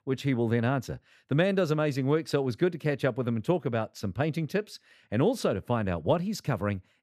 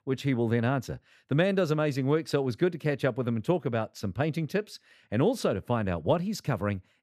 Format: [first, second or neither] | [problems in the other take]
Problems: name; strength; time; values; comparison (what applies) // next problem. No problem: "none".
neither | none